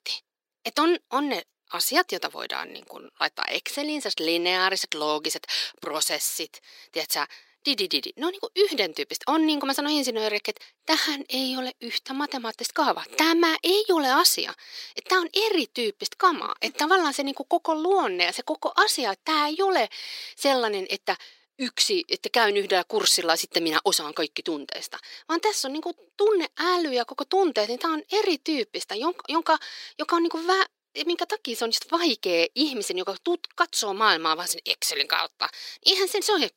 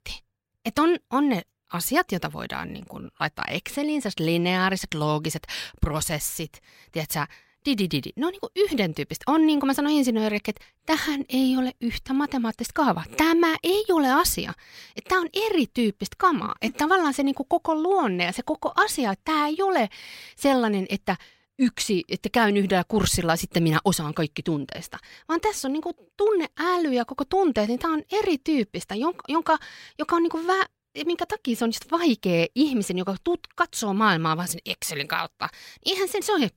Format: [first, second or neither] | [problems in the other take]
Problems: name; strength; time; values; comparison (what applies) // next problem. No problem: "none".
second | thin; somewhat; fading below 350 Hz